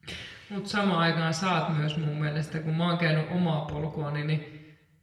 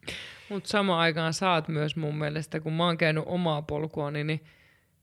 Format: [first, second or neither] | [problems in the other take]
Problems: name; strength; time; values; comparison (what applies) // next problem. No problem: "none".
second | room echo; slight; dies away in 0.9 s // off-mic speech; somewhat distant